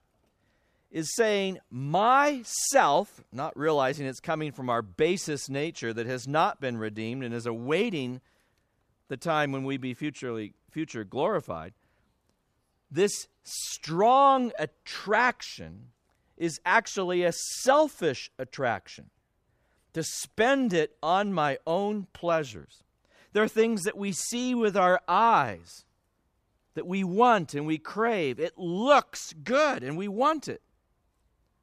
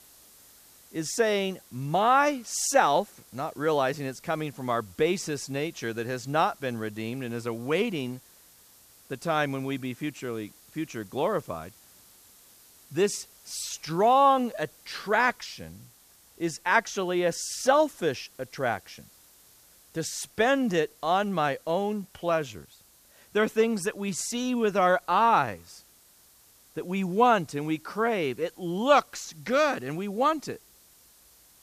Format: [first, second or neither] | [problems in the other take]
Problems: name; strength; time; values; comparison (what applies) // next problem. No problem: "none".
first | hiss; faint; throughout; 25 dB below the speech